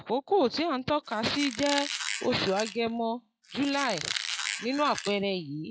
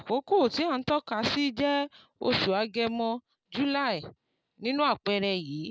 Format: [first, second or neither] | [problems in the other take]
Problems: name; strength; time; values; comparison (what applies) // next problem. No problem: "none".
second | noise reduction (classical method log-MMSE)